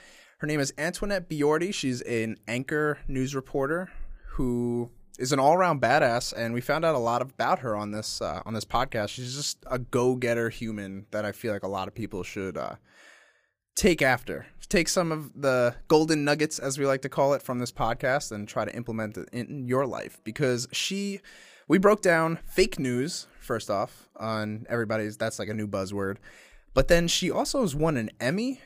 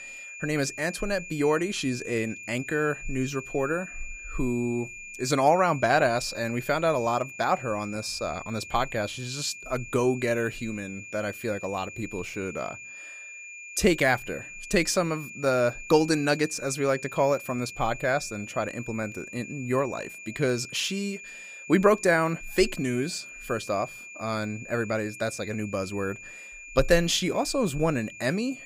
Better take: first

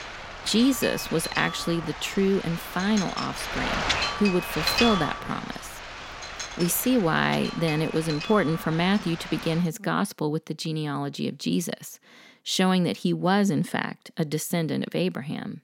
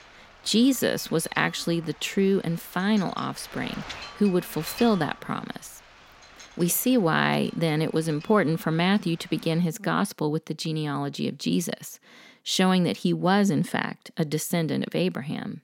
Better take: second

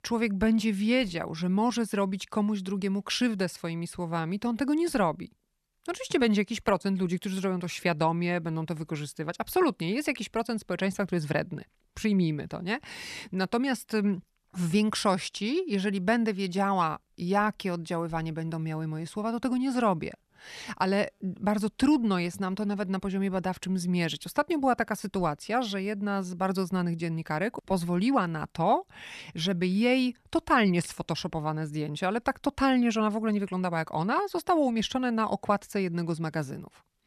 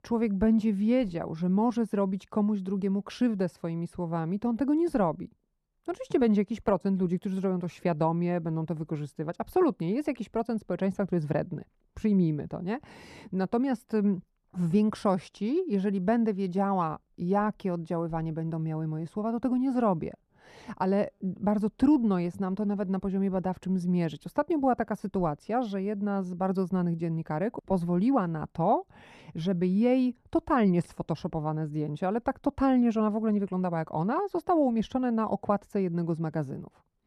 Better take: first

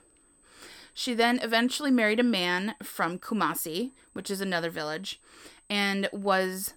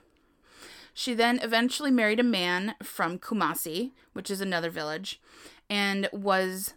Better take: second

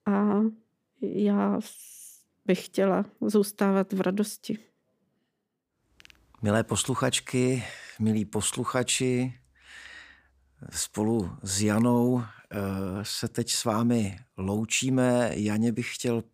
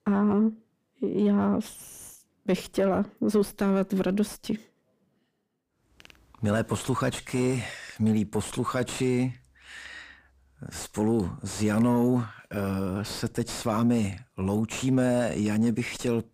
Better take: first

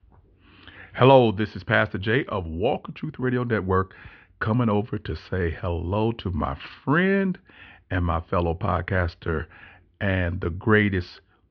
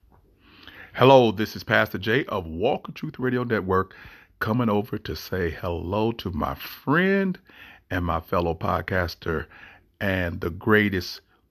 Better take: second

